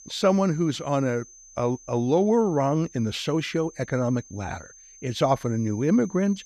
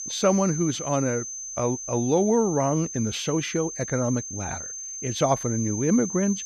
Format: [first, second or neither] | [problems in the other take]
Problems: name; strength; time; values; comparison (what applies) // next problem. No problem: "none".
first | high-pitched whine; loud; throughout; 6 kHz, 7 dB below the speech; faint in the first